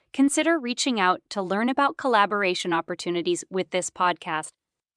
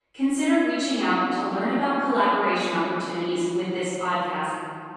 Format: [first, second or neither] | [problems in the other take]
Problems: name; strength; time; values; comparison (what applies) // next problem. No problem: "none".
first | off-mic speech; far // room echo; strong; dies away in 3 s